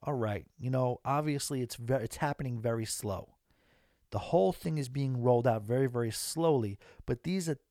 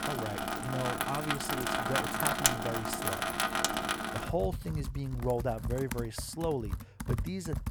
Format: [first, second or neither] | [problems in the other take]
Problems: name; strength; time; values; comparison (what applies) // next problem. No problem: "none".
first | household noises; very loud; throughout; 3 dB above the speech